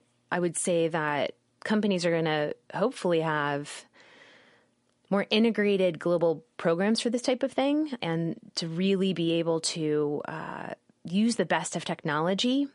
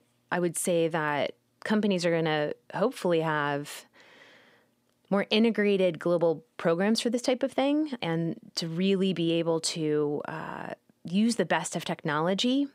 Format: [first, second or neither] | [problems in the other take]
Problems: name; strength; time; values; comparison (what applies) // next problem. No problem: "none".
second | garbled, watery; slightly; nothing above 10.5 kHz